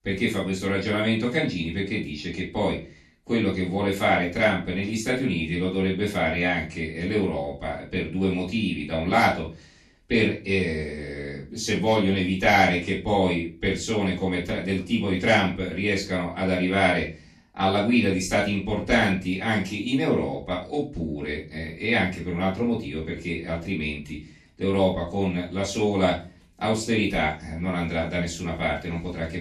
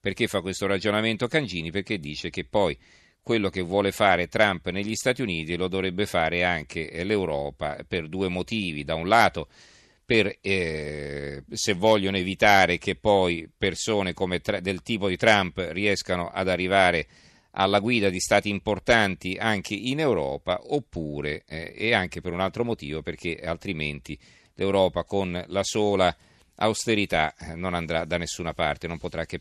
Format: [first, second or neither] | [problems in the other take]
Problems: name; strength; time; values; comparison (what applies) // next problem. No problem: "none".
second | room echo; slight; dies away in 0.3 s // off-mic speech; far